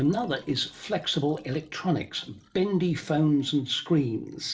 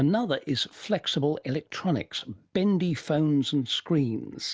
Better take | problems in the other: second | noise reduction (neural separator model SepFormer DNS4)

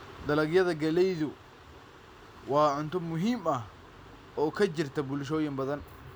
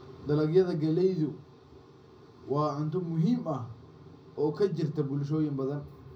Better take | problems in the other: first | room echo; dies away in 0.4 s

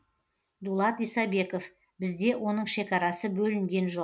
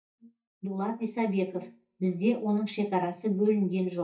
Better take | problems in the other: first | noise reduction (neural mask model DeepFilterNet 3)

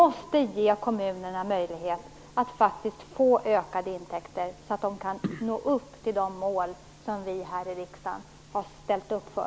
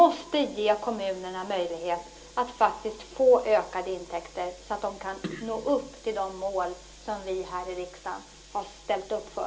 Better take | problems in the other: first | room echo; dies away in 0.2 s

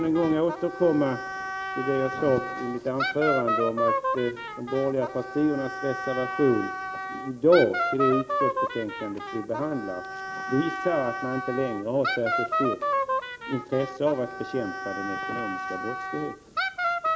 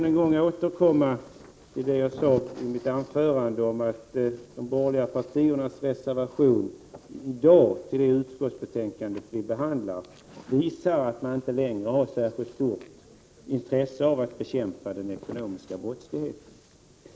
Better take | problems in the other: second | background sound (Wind instrument, woodwind instrument); 3 dB below the speech

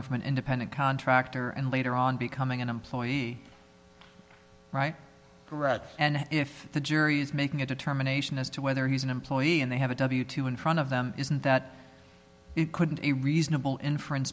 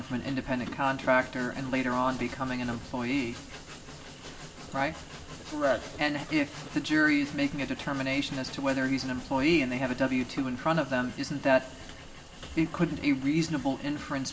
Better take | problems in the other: first | background sound (Train); 14 dB below the speech // room echo; dies away in 0.2 s

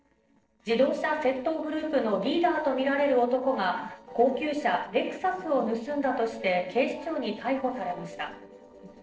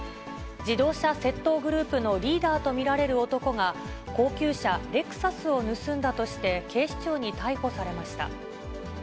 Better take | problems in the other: second | noise reduction (neural separator model SepFormer DNS4)

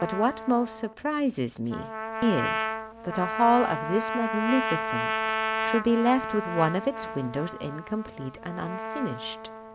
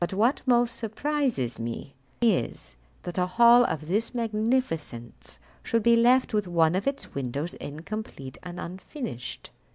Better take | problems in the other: second | background sound (Trumpet); 4 dB below the speech

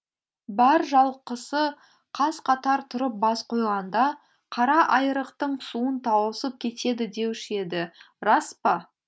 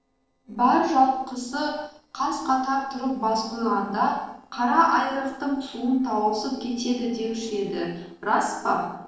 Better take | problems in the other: first | noise reduction (neural separator model SepFormer DNS4)

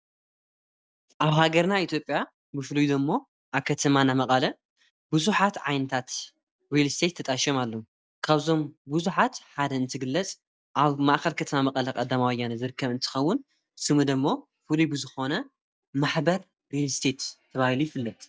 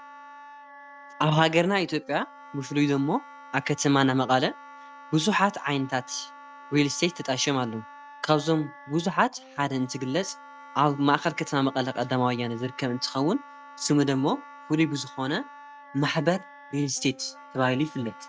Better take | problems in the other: first | background sound (Wind instrument, woodwind instrument); 19 dB below the speech

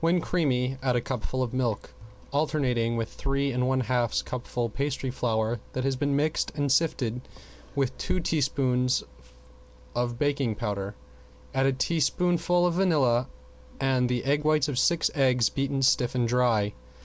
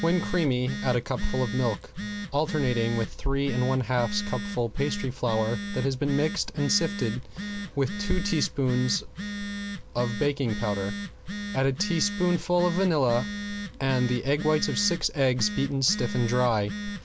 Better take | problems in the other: first | background sound (Telephone); 7 dB below the speech

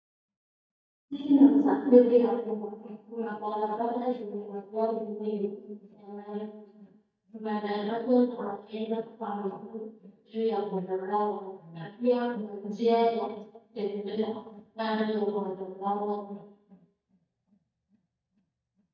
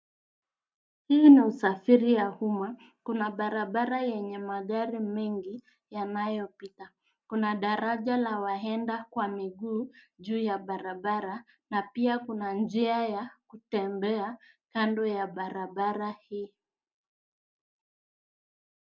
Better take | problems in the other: second | noise reduction (neural mask model DeepFilterNet 3)

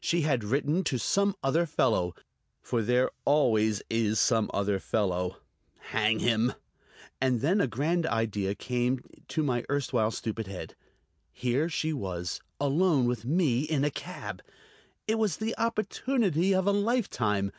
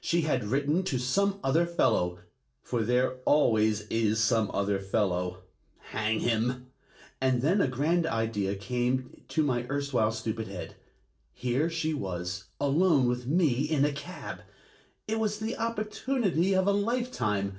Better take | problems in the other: first | room echo; dies away in 0.3 s

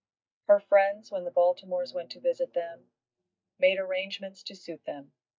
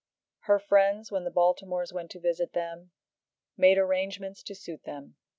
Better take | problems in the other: second | noise reduction (neural mask model DeepFilterNet 3)

